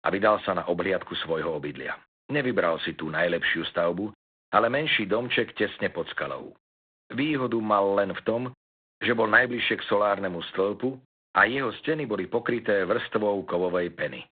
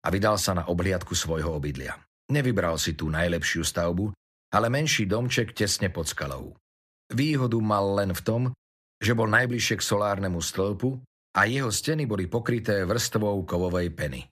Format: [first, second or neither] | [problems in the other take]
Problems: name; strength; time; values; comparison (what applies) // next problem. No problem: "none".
second | phone-call audio; poor line; nothing above 3.5 kHz